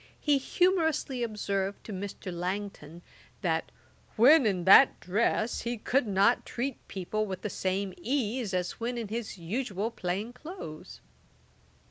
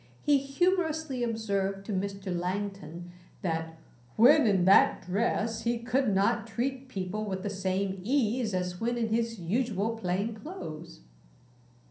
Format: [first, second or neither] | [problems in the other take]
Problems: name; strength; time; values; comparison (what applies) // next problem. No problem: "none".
first | room echo; dies away in 0.6 s